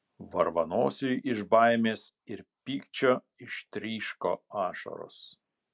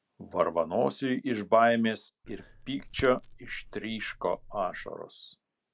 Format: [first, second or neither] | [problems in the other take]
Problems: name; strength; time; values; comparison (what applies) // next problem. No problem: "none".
first | background sound (Fire); 16 dB below the speech